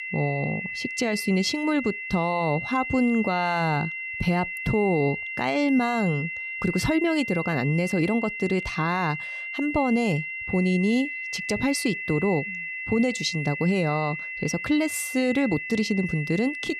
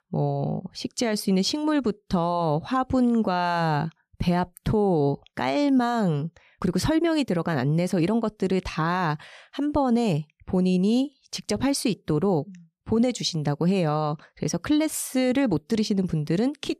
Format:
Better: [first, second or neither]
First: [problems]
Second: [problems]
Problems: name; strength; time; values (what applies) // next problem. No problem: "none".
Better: second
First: high-pitched whine; loud; throughout; 2 kHz, 6 dB below the speech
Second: none